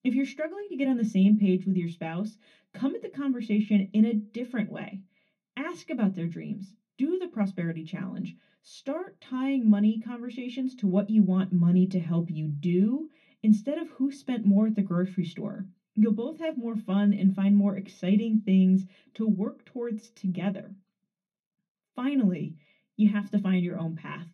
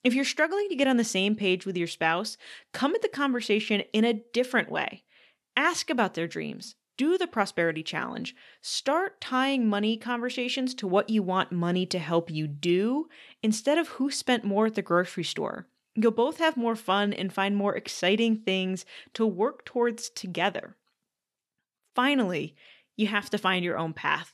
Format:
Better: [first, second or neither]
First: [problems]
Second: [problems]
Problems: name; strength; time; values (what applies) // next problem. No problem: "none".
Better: second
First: room echo; very slight; dies away in 0.3 s // off-mic speech; far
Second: none